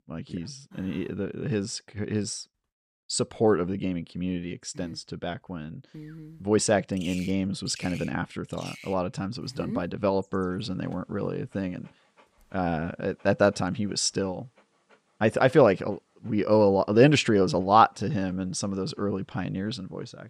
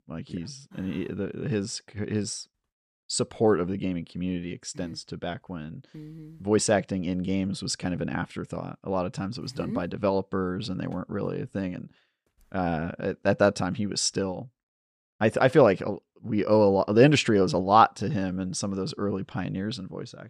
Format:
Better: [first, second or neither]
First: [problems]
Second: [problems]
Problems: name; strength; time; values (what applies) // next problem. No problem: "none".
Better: second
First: animal sounds; noticeable; from 6 s on; 20 dB below the speech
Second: none